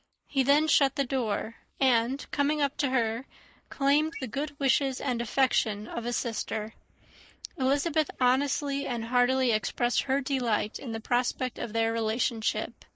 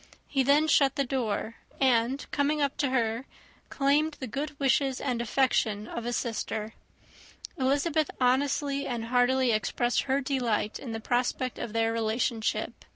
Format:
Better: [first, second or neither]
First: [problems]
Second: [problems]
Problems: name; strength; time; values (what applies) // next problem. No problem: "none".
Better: second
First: noise reduction (neural mask model Resemble Enhance denoiser)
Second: none